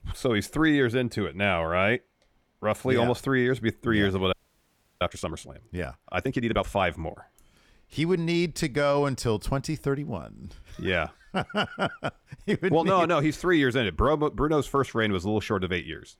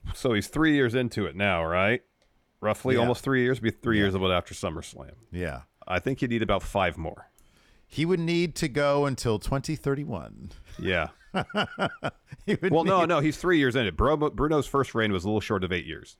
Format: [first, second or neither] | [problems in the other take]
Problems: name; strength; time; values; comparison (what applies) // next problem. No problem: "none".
second | audio freezing; at 4.5 s for 0.5 s